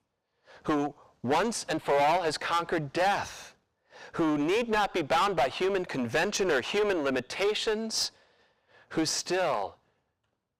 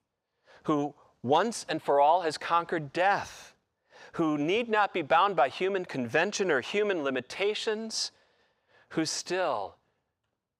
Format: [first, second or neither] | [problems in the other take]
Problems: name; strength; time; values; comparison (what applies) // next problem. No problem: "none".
second | distortion; heavy; 10% of the sound clipped